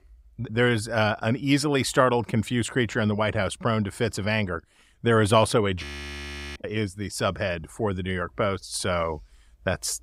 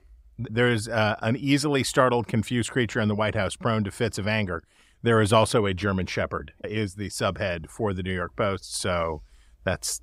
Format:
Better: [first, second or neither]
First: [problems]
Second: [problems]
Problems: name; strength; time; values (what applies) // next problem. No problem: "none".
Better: second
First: audio freezing; at 6 s for 0.5 s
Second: none